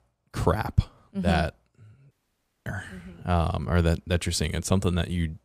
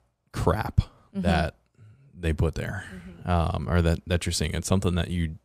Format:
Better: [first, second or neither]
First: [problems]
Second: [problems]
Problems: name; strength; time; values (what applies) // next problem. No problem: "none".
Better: second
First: audio cutting out; at 2 s for 0.5 s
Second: none